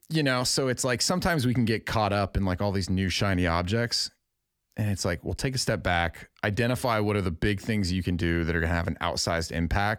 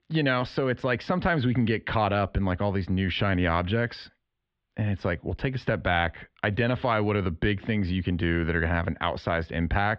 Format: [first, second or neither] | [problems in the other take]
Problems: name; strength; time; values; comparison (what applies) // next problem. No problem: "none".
first | muffled; very; fading above 3.5 kHz